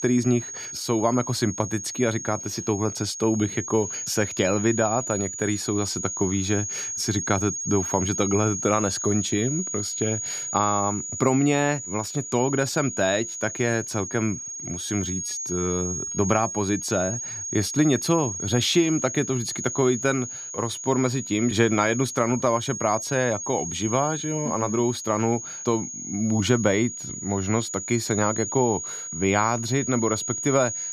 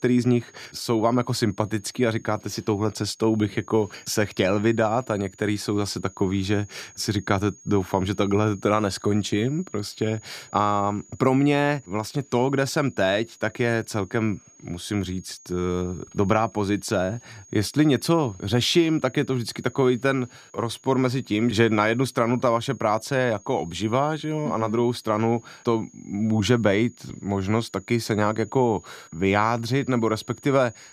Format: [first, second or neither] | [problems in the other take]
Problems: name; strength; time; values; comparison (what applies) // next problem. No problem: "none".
second | high-pitched whine; loud; throughout; 6.5 kHz, 5 dB below the speech; faint in the second